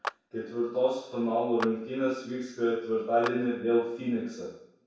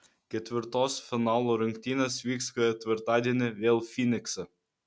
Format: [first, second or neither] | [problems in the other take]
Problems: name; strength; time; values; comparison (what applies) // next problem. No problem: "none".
second | background sound (Clapping); 14 dB below the speech // room echo; dies away in 0.7 s